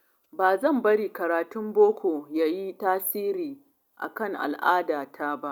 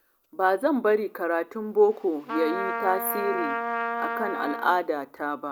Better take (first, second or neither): first